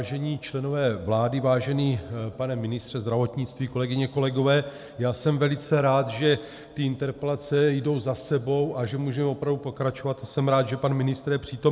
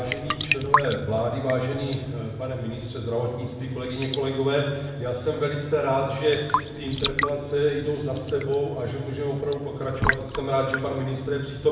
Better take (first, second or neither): first